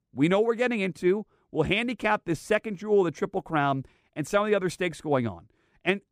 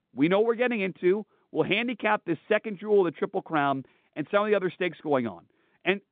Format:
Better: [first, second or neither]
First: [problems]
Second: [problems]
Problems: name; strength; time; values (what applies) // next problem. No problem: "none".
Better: first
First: none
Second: phone-call audio; nothing above 3.5 kHz